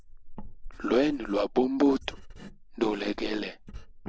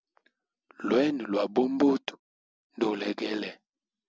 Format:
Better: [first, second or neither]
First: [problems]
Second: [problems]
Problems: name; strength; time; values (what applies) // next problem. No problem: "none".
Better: second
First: noise reduction (neural mask model Resemble Enhance denoiser)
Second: none